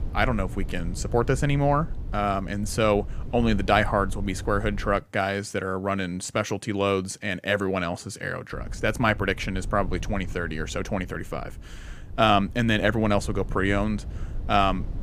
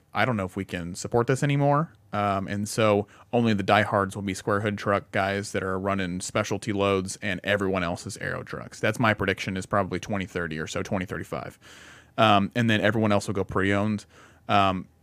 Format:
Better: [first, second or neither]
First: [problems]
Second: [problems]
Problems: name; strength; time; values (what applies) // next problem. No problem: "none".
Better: second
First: wind noise on the microphone; occasional gusts; until 5 s and from 8.5 s on; 25 dB below the speech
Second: none